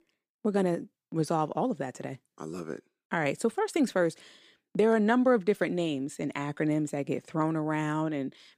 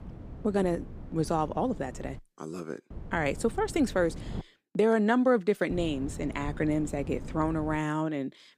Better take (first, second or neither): first